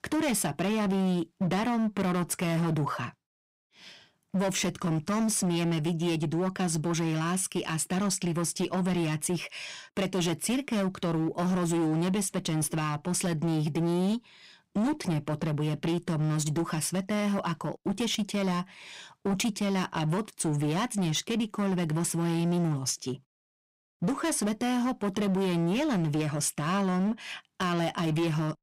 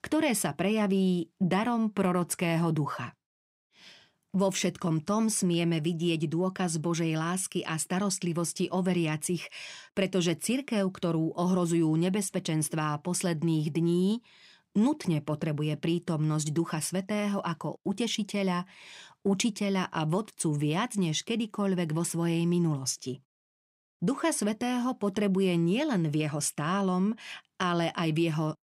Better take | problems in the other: second | distortion; slight; 19% of the sound clipped

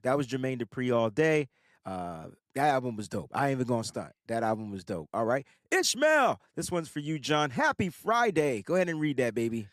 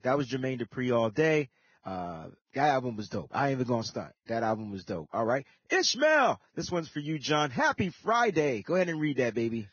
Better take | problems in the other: first | garbled, watery; badly; nothing above 6.5 kHz

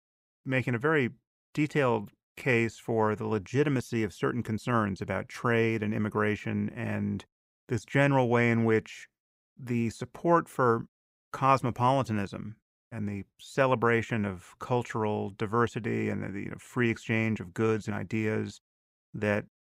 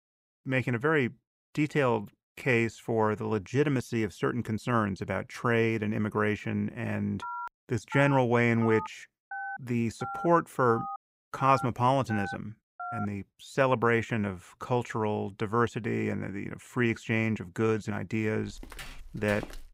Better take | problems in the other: first | phone ringing; noticeable; from 7 to 13 s; peak 9 dB below the speech // footsteps; faint; from 18 s on; peak 15 dB below the speech

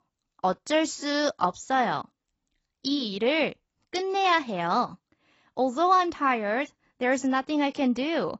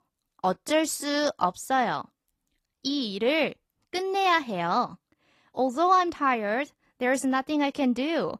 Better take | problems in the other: second | garbled, watery; badly; nothing above 8 kHz; slightly in the second

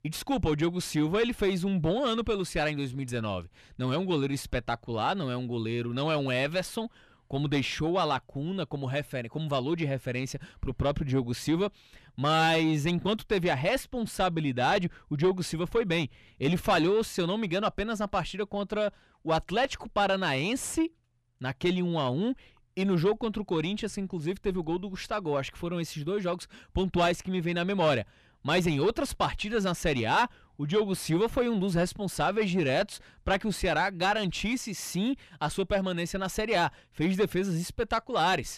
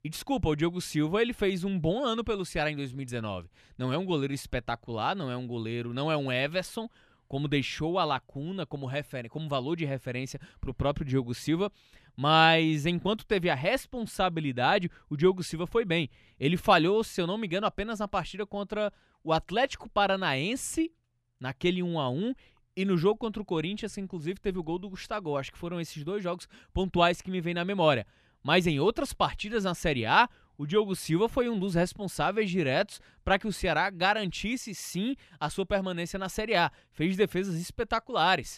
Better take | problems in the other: second | distortion; slight; 10 dB below the speech

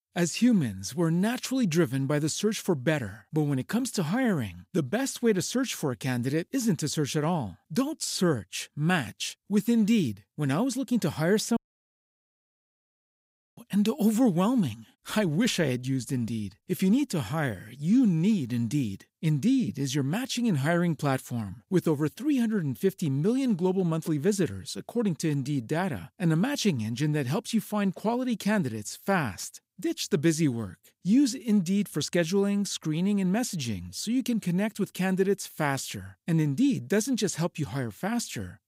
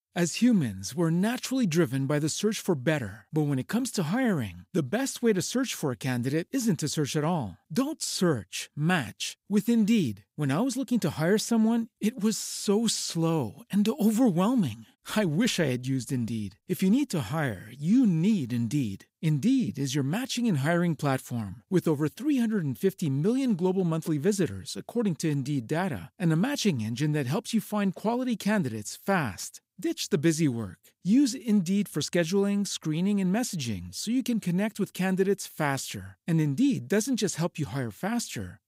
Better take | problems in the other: second | audio cutting out; at 12 s for 2 s

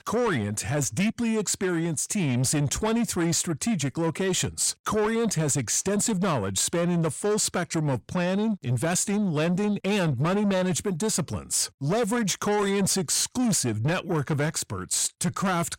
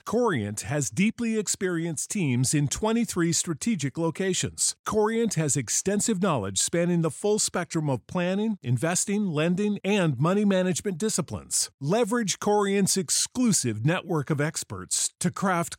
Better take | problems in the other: second | distortion; slight; 10 dB below the speech

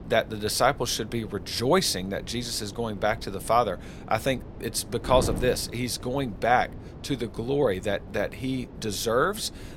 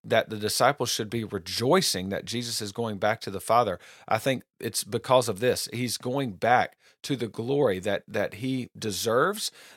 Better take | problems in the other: second | wind noise on the microphone; occasional gusts; 20 dB below the speech

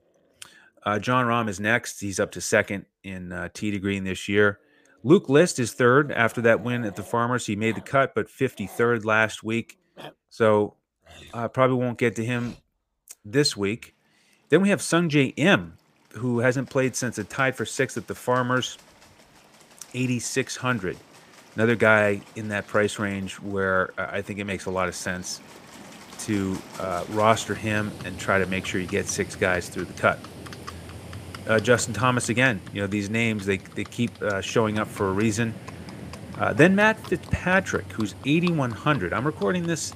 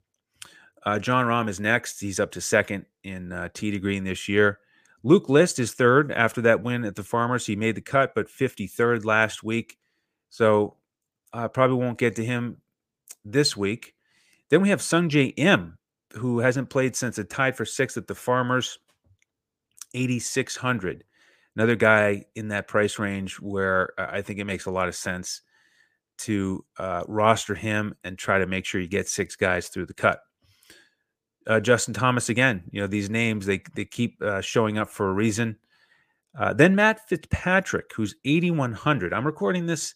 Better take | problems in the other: second | animal sounds; noticeable; throughout; 20 dB below the speech

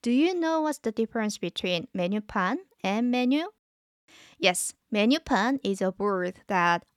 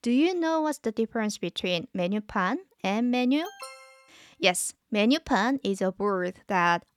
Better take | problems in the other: first | alarm; faint; at 3.5 s; peak 15 dB below the speech

